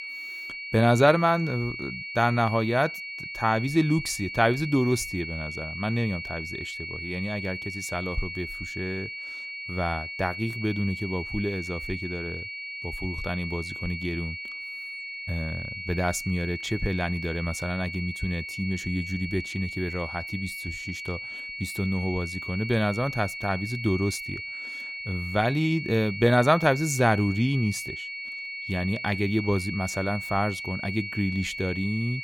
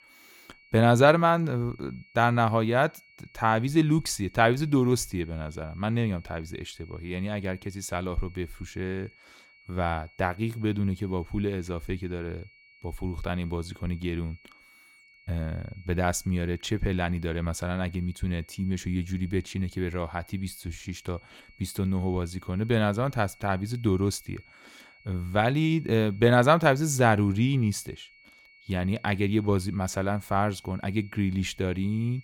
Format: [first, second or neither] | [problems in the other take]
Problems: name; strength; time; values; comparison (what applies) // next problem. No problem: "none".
second | high-pitched whine; loud; throughout; 2.5 kHz, 6 dB below the speech; faint in the second